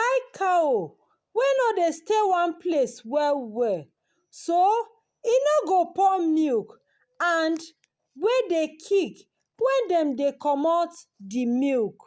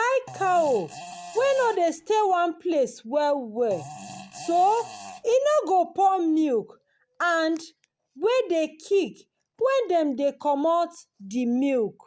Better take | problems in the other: first | background sound (Fart); 16 dB below the speech

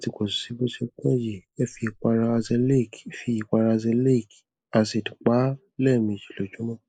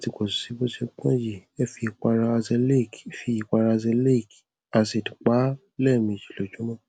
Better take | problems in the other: second | noise reduction (neural mask model Resemble Enhance denoiser)

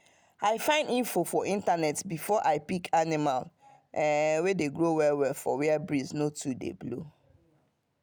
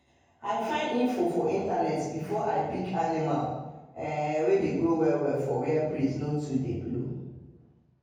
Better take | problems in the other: first | room echo; dies away in 1.3 s

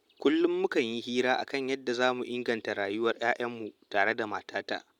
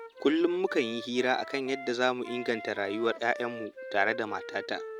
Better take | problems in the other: first | background sound (Wind instrument, woodwind instrument); 13 dB below the speech

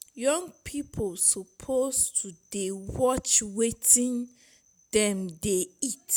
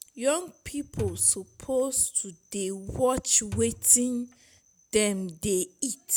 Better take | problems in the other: first | background sound (Thump, thud); 12 dB below the speech

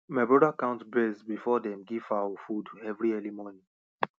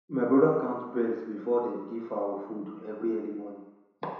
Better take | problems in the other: first | room echo; dies away in 1 s

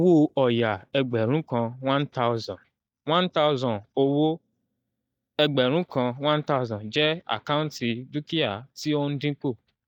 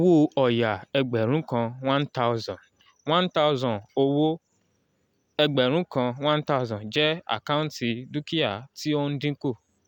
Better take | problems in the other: second | noise reduction (neural mask model DeepFilterNet 3)

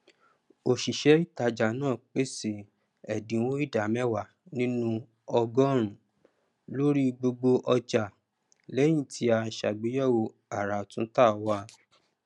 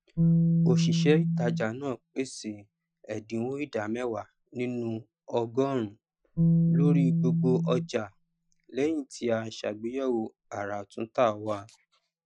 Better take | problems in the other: first | noise reduction (classical method Wiener filter)

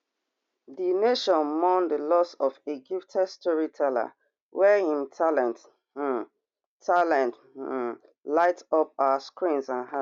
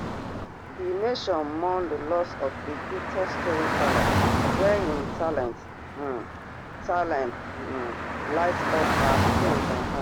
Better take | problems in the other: first | background sound (Traffic noise, roadway noise / Car); 1 dB above the speech

